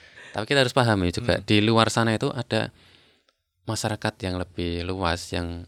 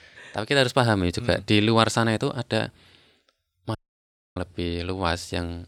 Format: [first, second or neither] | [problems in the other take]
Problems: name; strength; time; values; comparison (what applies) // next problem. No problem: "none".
first | audio cutting out; at 4 s for 0.5 s